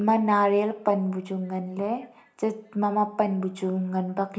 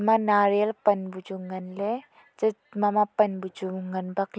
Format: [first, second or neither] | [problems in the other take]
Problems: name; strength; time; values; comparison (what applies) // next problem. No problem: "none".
second | room echo; dies away in 0.4 s